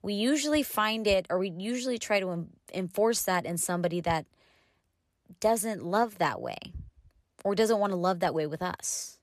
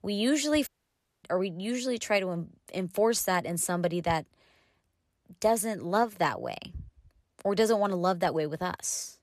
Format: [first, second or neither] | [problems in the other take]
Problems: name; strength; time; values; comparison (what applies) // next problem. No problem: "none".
first | audio cutting out; at 0.5 s for 0.5 s